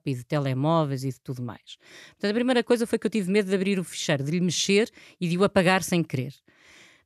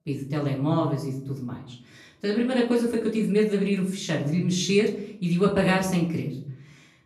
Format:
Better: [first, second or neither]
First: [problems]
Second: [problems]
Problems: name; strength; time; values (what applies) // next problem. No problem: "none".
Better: first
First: none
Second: room echo; slight; dies away in 0.6 s // off-mic speech; far